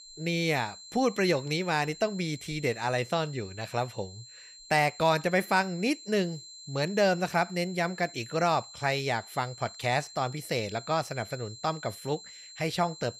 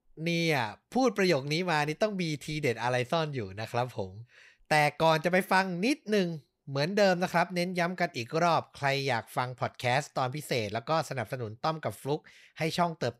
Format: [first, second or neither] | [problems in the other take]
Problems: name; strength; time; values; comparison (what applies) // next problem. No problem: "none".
second | high-pitched whine; noticeable; throughout; 4 kHz, 15 dB below the speech